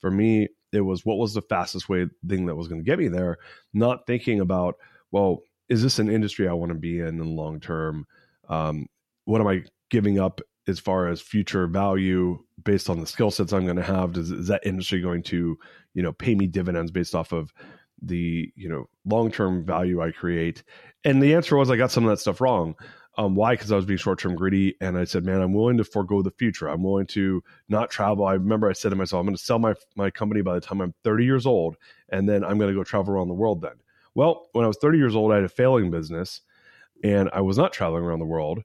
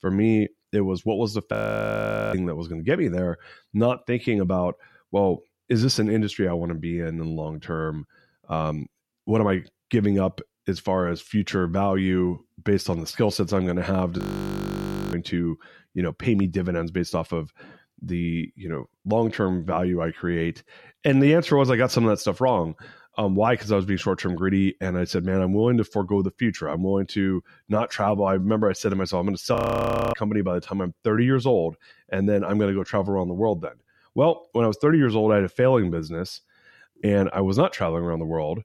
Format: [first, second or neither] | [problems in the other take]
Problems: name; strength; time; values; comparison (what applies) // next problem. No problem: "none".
first | audio freezing; at 1.5 s for 1 s, at 14 s for 1 s and at 30 s for 0.5 s